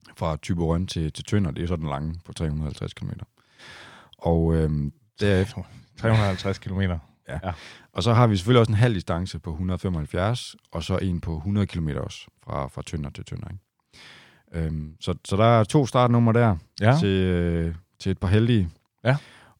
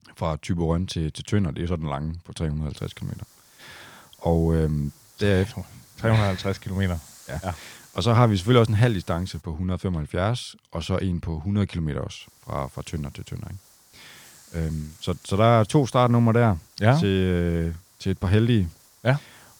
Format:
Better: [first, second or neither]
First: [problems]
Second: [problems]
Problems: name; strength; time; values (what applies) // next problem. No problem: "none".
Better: first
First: none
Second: hiss; faint; from 3 to 9.5 s and from 12 s on; 25 dB below the speech